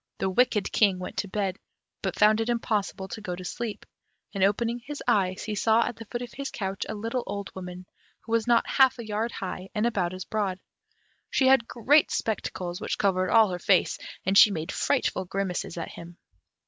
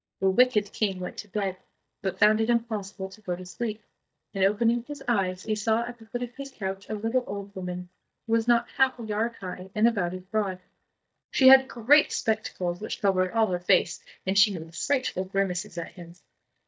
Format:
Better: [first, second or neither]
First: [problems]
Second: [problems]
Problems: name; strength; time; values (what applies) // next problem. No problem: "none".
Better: first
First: none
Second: noise reduction (neural mask model DeepFilterNet 3)